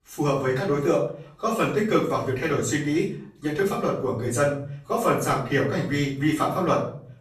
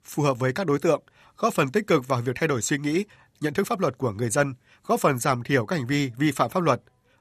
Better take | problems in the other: second | room echo; noticeable; dies away in 0.5 s // off-mic speech; far

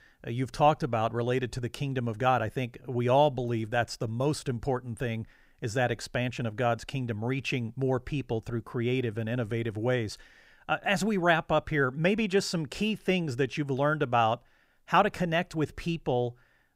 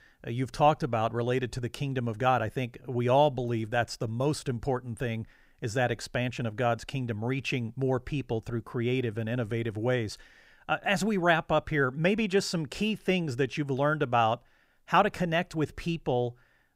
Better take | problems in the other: neither | none

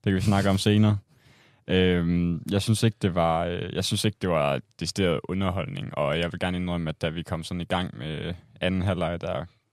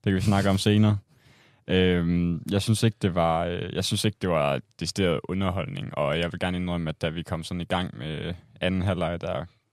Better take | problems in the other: neither | none

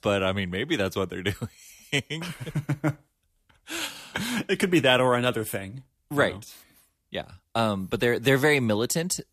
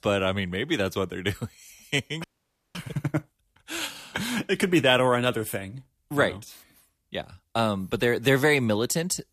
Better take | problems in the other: first | audio freezing; at 2 s for 0.5 s

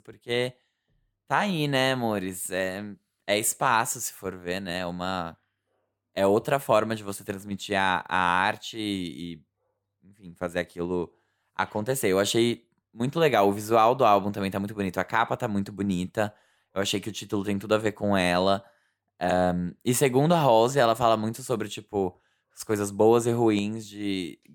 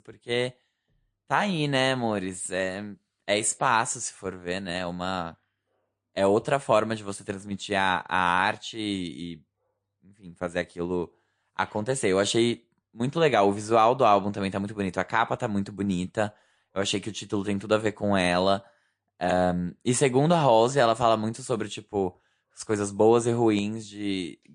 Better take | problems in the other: first | garbled, watery; slightly; nothing above 9 kHz

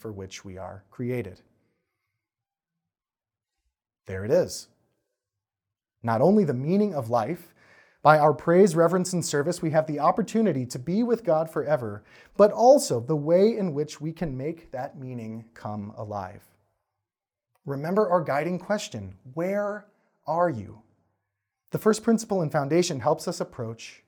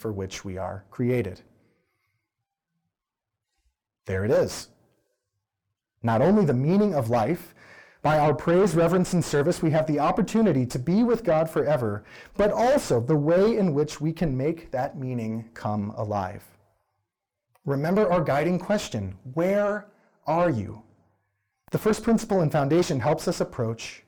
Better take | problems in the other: first | distortion; heavy; 5 dB below the speech

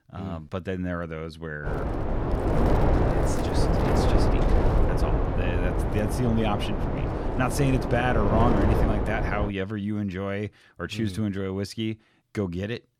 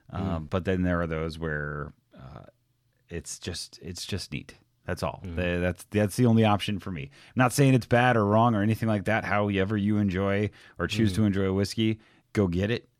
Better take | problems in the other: second | wind noise on the microphone; heavy; from 1.5 to 9.5 s; 2 dB above the speech

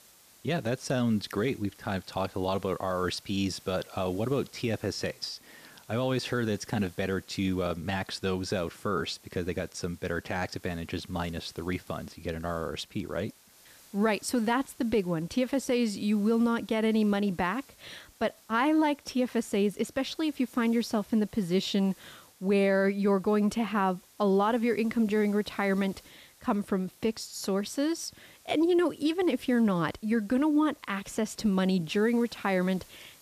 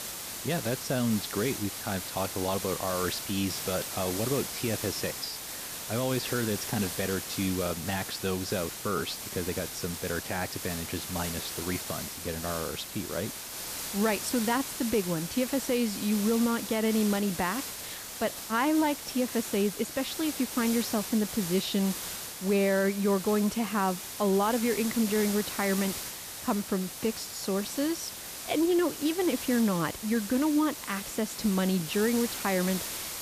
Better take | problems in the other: first | hiss; loud; throughout; 6 dB below the speech; faint in the first

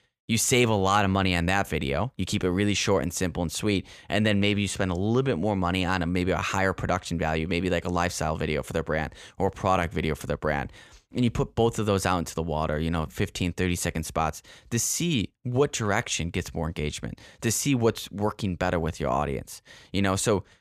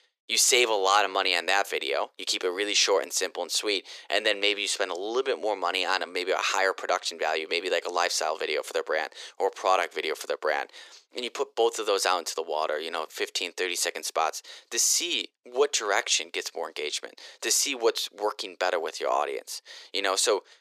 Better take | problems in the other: first | thin; very; fading below 350 Hz

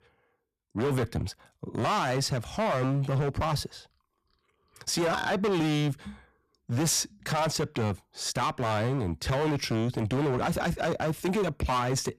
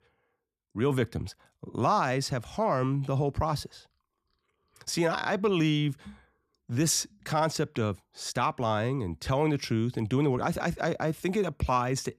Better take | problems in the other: second | distortion; heavy; 16% of the sound clipped

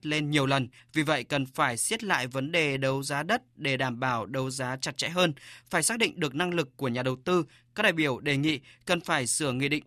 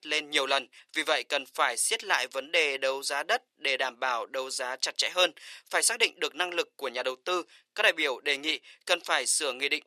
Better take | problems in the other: first | thin; very; fading below 450 Hz

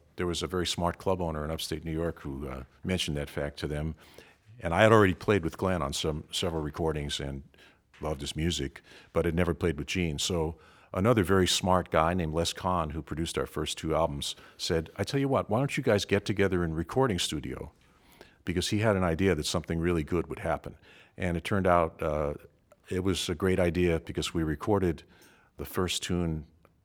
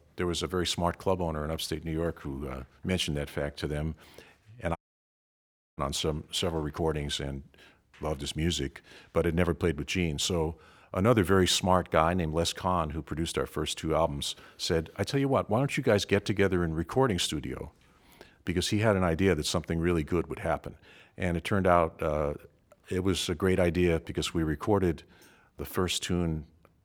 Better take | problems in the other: first | audio cutting out; at 5 s for 1 s

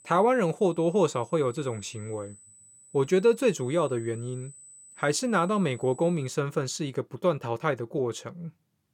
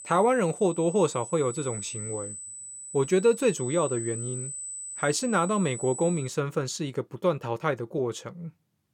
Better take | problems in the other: first | high-pitched whine; loud; until 6 s; 8 kHz, 9 dB below the speech; faint in the first

